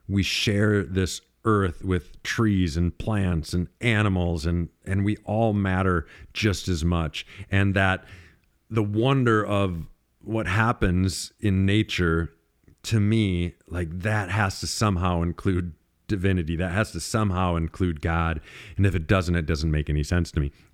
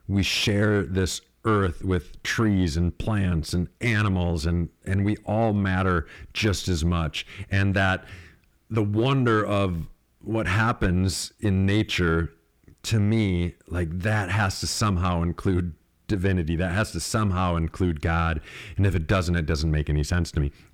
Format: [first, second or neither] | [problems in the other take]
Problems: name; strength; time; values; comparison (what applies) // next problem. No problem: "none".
first | distortion; slight; 10 dB below the speech